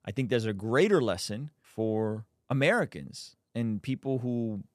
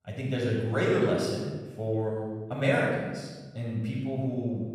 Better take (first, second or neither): first